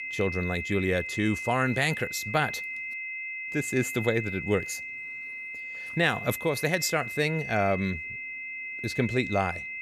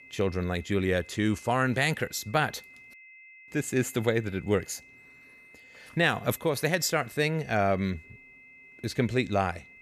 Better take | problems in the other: second | high-pitched whine; loud; throughout; 2 kHz, 6 dB below the speech; faint in the second

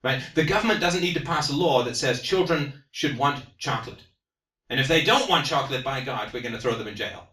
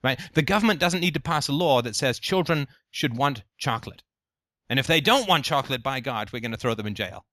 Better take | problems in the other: second | room echo; slight; dies away in 0.3 s // off-mic speech; far

